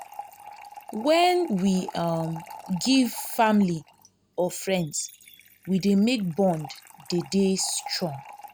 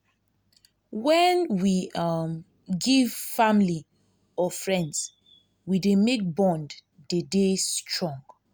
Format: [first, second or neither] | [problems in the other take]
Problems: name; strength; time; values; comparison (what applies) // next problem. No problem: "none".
second | background sound (Fill (with liquid) / Trickle, dribble); 18 dB below the speech